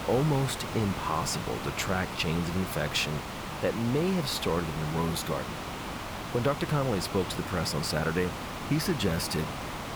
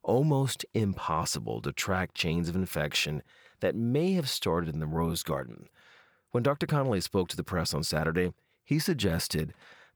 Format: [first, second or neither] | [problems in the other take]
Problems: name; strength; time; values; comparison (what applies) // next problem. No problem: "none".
second | hiss; loud; throughout; 6 dB below the speech